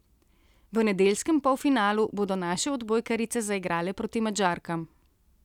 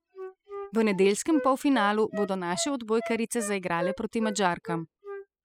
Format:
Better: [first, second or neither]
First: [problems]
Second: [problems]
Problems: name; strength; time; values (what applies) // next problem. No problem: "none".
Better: first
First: none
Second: noise reduction (classical method spectral subtraction)